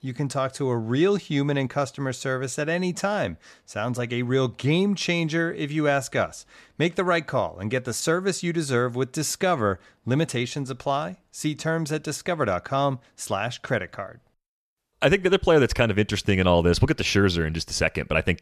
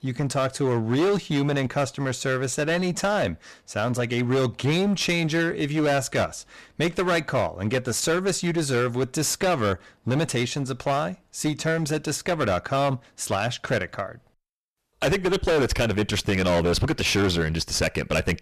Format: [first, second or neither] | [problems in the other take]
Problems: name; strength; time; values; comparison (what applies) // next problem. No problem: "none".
first | distortion; heavy; 16% of the sound clipped